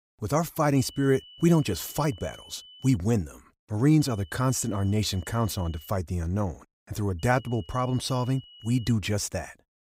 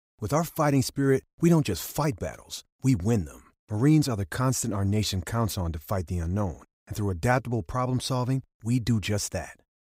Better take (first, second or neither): second